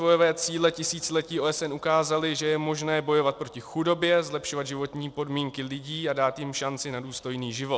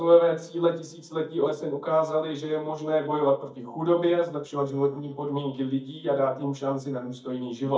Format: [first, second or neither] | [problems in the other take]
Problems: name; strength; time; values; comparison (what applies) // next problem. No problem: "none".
first | noise reduction (neural mask model DeepFilterNet 3)